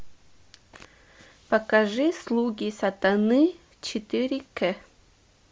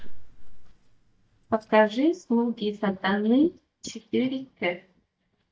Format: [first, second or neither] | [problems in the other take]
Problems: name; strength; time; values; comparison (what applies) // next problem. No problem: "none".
first | noise reduction (neural mask model DeepFilterNet 3)